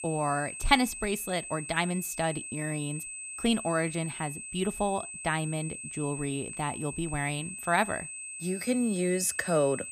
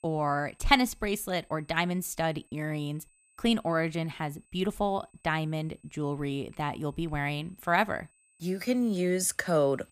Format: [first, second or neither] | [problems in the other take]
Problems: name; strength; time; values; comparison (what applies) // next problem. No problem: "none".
second | high-pitched whine; loud; throughout; 8 kHz, 7 dB below the speech; faint in the second